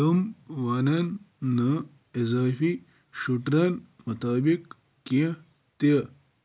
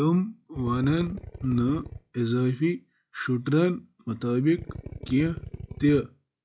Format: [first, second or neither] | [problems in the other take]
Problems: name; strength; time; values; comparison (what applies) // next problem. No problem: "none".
first | noise reduction (classical method log-MMSE)